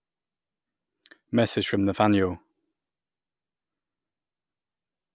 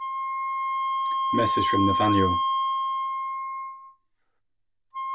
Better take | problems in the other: first | background sound (Wind instrument, woodwind instrument); 4 dB above the speech // room echo; dies away in 0.1 s

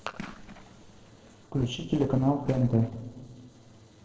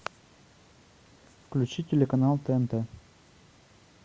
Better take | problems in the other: second | noise reduction (neural separator model SepFormer DNS4)

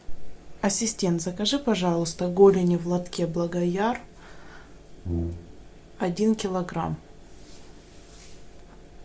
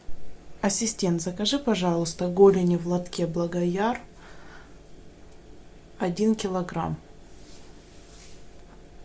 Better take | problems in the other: second | background sound (Brass instrument); 6 dB below the speech

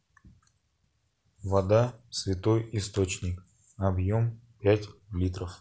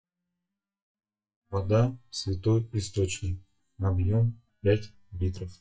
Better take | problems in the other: first | noise reduction (neural mask model DeepFilterNet 3)

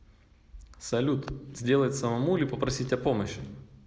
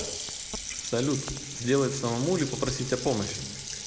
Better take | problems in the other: first | background sound (Water tap, faucet); 7 dB below the speech

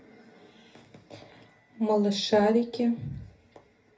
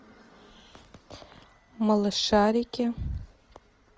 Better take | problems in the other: second | room echo; dies away in 0.3 s

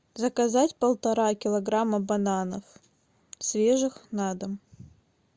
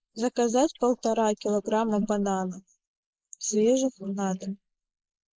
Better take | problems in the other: first | noise reduction (neural mask model Resemble Enhance denoiser)

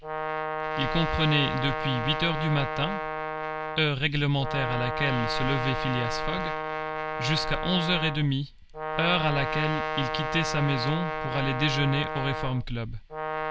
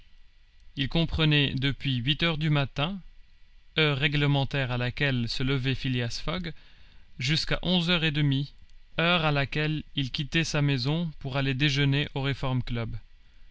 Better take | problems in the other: second | background sound (Brass instrument); 3 dB below the speech

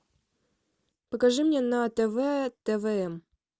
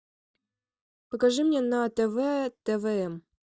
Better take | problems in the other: first | noise reduction (neural mask model DeepFilterNet 3)

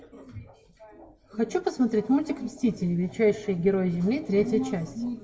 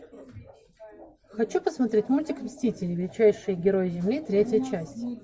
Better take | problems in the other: second | room echo; dies away in 1.3 s

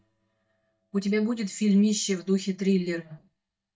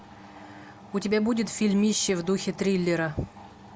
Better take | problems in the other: second | noise reduction (neural mask model DeepFilterNet 3)

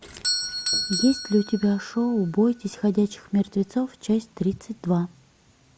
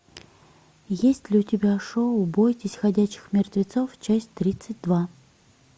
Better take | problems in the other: second | background sound (Doorbell); 9 dB below the speech

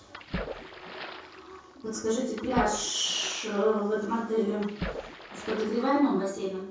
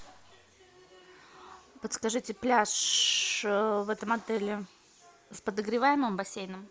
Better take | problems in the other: second | background sound (Splash, splatter); 11 dB below the speech // room echo; dies away in 0.6 s

